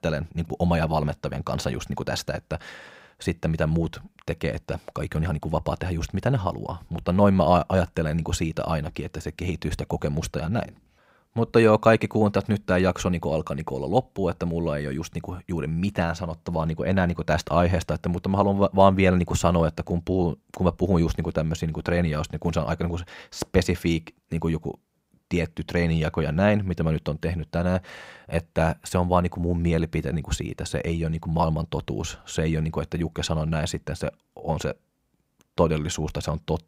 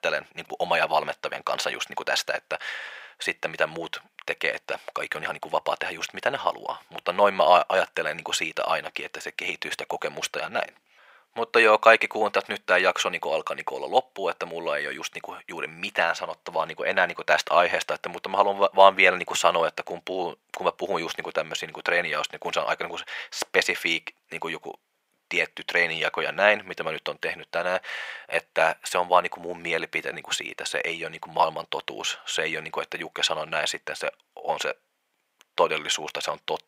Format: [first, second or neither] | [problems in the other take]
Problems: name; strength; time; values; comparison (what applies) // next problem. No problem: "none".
first | thin; very; fading below 650 Hz